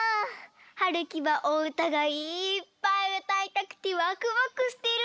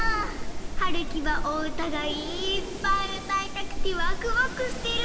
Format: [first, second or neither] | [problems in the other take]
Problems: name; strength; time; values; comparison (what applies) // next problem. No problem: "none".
first | background sound (Wind); 2 dB above the speech // room echo; dies away in 1.6 s